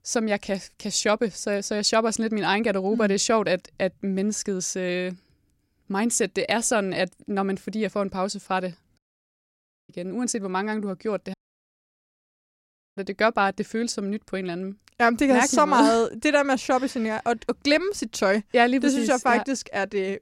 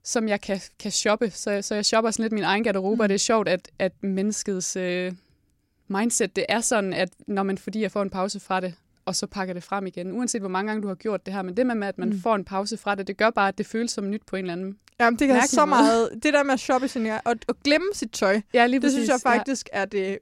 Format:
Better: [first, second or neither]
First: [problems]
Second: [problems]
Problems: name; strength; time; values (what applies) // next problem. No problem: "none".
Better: second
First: audio cutting out; at 9 s for 1 s and at 11 s for 1.5 s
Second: none